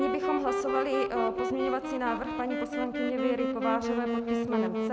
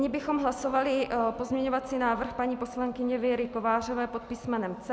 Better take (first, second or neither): second